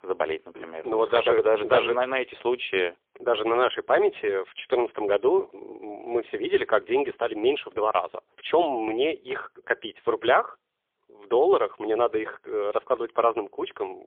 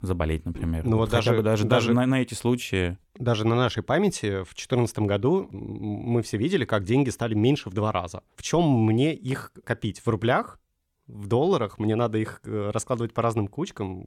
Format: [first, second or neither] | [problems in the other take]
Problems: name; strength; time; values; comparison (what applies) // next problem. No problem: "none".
second | phone-call audio; poor line; nothing above 3.5 kHz